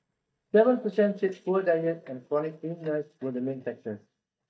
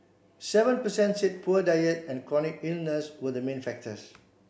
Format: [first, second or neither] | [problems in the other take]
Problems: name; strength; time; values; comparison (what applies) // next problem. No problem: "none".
second | noise reduction (neural mask model DeepFilterNet 3)